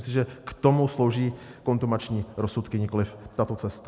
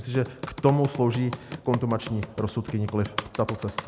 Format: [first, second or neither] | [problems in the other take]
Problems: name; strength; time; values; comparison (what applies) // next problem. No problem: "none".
first | background sound (Computer keyboard); 11 dB below the speech